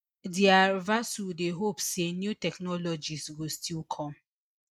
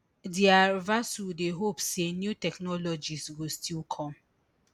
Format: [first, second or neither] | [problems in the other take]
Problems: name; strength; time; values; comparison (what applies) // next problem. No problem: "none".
second | noise reduction (neural mask model Resemble Enhance denoiser)